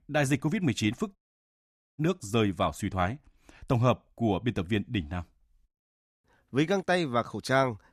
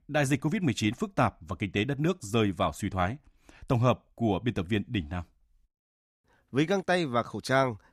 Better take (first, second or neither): second